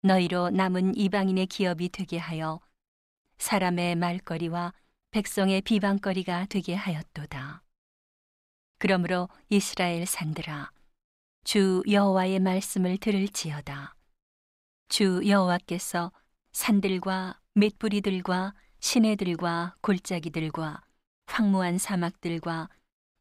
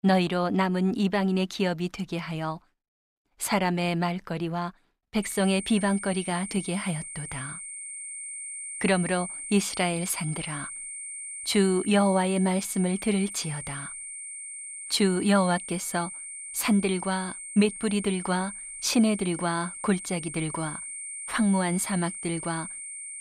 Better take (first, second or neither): first